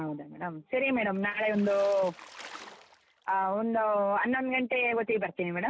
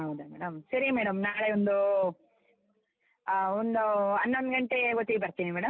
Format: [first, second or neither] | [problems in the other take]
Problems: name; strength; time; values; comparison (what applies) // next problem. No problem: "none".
second | background sound (Water / Splash, splatter); 19 dB below the speech